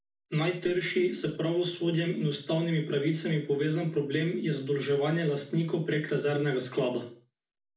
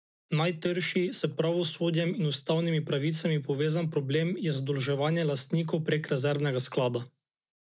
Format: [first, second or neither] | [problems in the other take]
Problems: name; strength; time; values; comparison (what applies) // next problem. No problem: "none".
second | room echo; dies away in 0.4 s